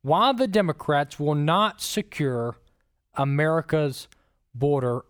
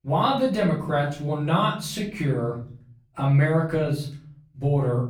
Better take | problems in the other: first | off-mic speech; far // room echo; slight; dies away in 0.6 s

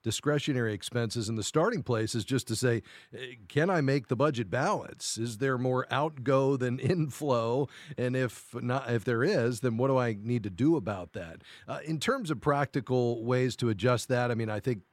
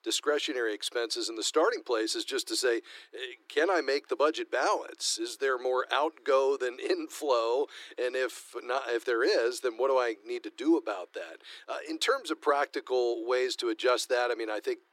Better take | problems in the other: first | thin; very; fading below 300 Hz

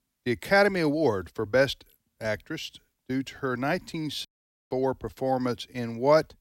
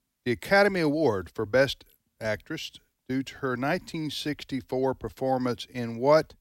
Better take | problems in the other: second | audio cutting out; at 4.5 s

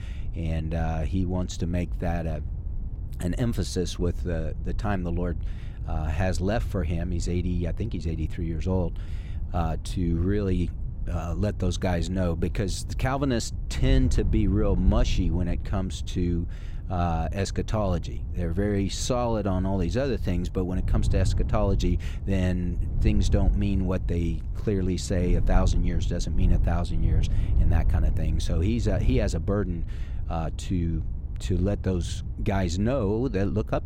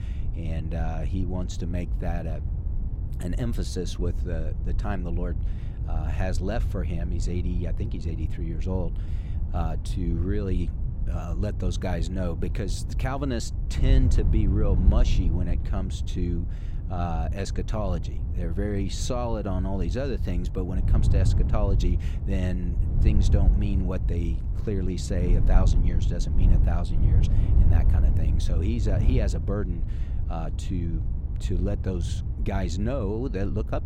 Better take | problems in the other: first | wind noise on the microphone; heavy; 8 dB below the speech; occasional gusts in the first

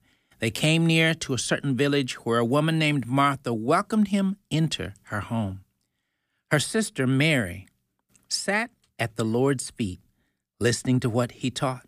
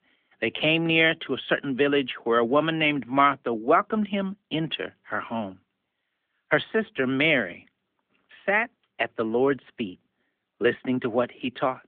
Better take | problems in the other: first | phone-call audio; nothing above 3.5 kHz

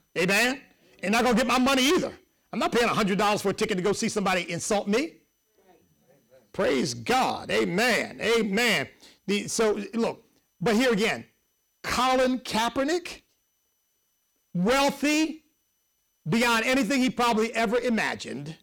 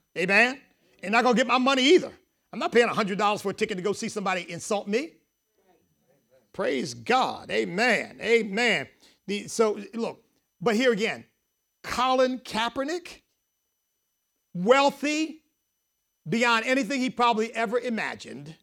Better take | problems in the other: second | distortion; heavy; 15% of the sound clipped

